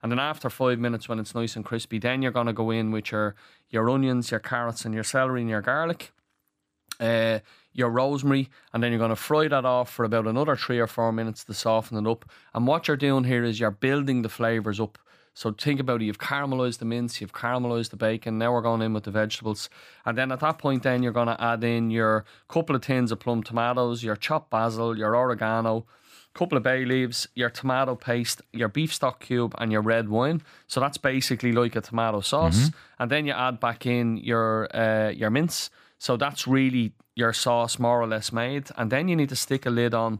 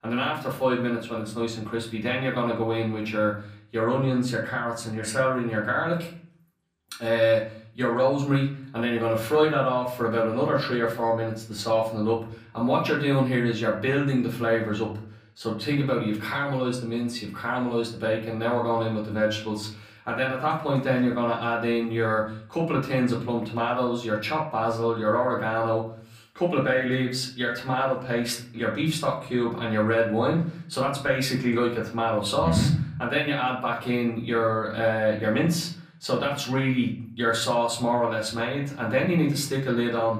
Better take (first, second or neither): first